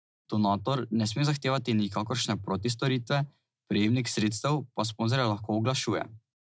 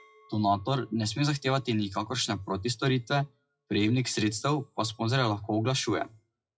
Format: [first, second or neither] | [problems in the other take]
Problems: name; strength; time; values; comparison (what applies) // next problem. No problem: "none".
first | noise reduction (classical method WPE with log-MMSE)